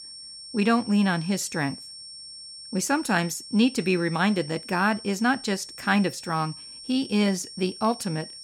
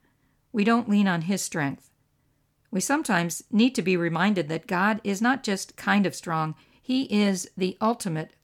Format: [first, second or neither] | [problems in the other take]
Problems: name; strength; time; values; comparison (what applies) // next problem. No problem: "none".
second | high-pitched whine; noticeable; throughout; 5.5 kHz, 15 dB below the speech